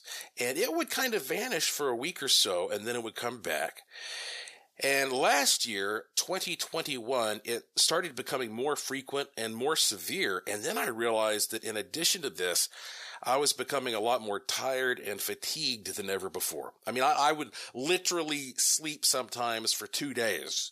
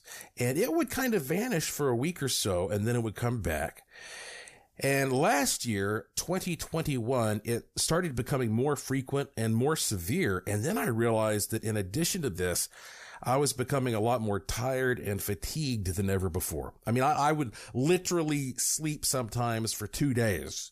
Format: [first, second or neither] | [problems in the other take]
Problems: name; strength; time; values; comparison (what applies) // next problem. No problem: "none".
second | thin; somewhat; fading below 400 Hz